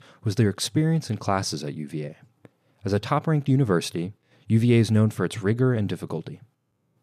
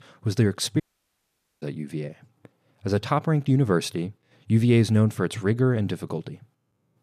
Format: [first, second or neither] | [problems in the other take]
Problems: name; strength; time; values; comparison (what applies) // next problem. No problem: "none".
first | audio cutting out; at 1 s for 1 s